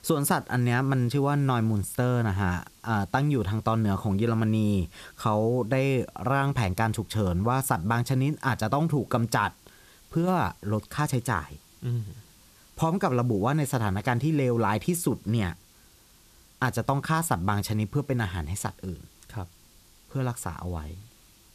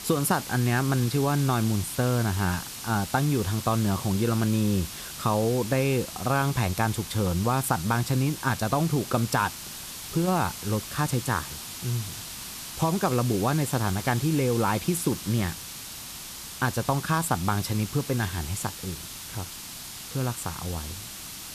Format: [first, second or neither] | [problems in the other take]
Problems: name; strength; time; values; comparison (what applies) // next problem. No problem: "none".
first | hiss; loud; throughout; 9 dB below the speech; faint in the first